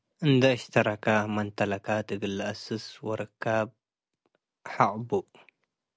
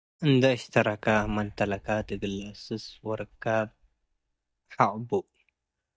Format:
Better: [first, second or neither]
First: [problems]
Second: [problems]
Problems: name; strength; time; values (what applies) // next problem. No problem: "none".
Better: first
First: none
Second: noise reduction (neural mask model DeepFilterNet 3)